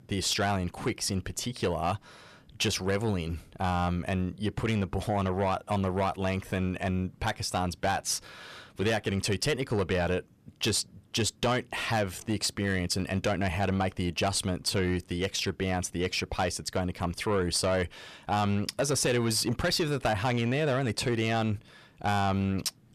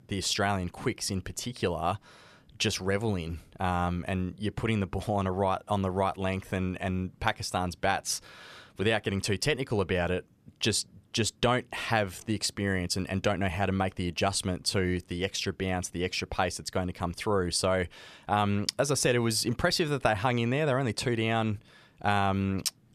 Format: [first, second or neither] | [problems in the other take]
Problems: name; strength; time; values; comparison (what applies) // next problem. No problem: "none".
second | distortion; slight; 10 dB below the speech